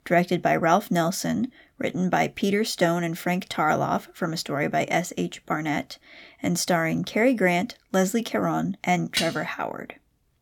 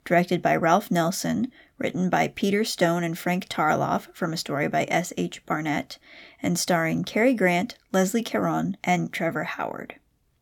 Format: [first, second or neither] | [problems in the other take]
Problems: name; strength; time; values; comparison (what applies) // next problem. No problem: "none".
second | clattering dishes; noticeable; at 9 s; peak 3 dB below the speech